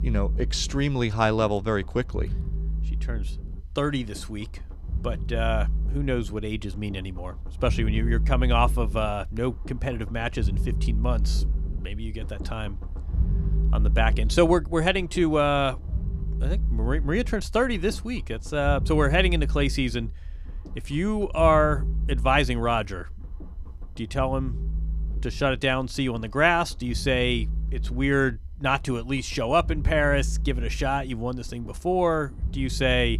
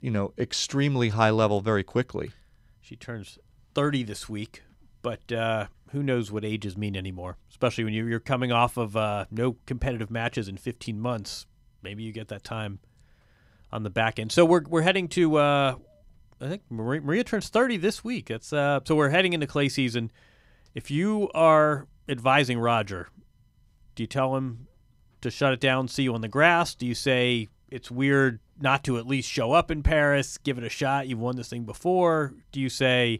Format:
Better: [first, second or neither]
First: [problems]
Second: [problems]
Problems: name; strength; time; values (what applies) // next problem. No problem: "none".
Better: second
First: low rumble; faint; throughout; 20 dB below the speech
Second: none